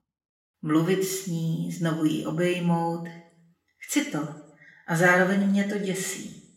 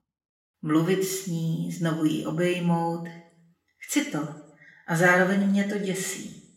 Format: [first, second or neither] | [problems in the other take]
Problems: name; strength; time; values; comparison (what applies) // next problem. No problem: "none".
neither | room echo; slight; dies away in 0.7 s; the same in both // off-mic speech; somewhat distant; the same in both